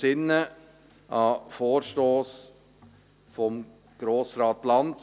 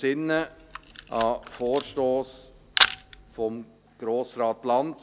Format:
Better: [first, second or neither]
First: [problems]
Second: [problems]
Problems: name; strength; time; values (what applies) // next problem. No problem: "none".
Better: first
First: none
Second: background sound (Camera); 3 dB below the speech